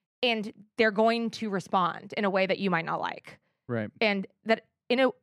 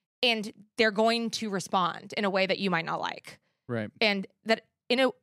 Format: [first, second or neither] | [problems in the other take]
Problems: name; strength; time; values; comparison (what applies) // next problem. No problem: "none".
second | muffled; very slightly; fading above 3.5 kHz